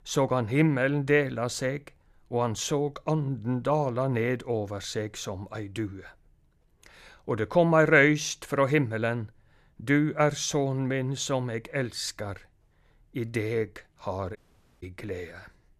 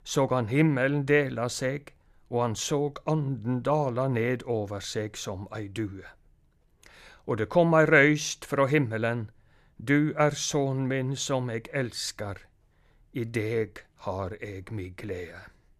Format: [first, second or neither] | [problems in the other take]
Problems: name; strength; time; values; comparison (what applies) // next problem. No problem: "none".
second | audio cutting out; at 14 s